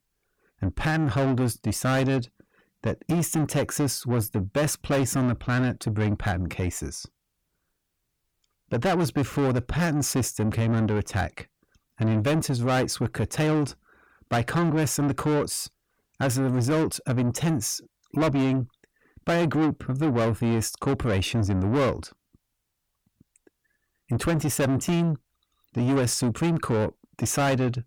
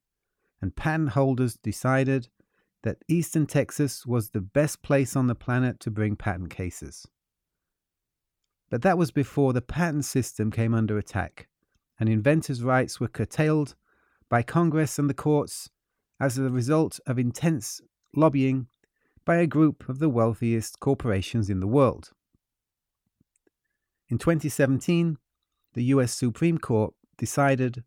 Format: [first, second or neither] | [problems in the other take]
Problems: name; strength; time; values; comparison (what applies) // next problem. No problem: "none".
second | distortion; heavy; 7 dB below the speech